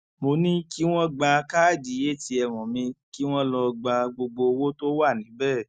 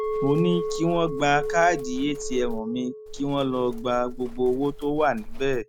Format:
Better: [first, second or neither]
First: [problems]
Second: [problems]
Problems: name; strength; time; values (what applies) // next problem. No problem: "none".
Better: first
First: none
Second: background sound (Livestock, farm animals, working animals + Chink, clink); 6 dB below the speech